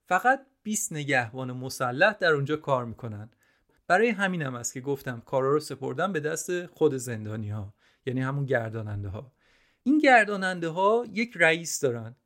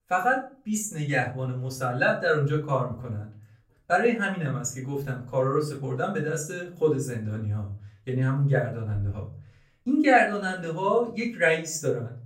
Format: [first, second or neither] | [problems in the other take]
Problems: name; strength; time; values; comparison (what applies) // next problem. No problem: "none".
first | off-mic speech; far // room echo; slight; dies away in 0.4 s